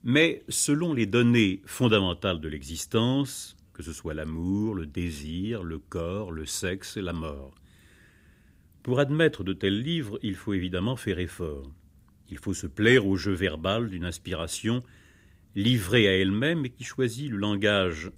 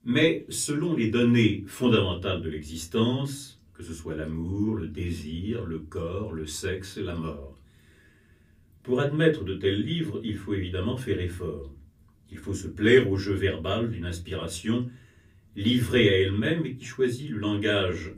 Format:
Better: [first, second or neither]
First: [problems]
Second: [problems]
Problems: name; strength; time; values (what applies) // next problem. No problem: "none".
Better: first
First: none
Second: off-mic speech; far // room echo; very slight; dies away in 0.2 s